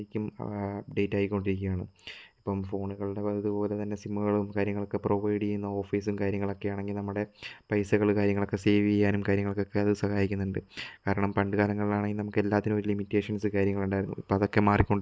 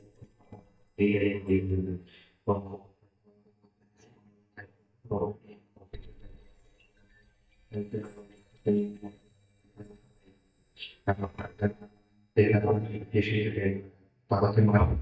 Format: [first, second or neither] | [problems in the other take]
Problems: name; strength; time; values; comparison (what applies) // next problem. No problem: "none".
first | noise reduction (neural mask model DeepFilterNet 3)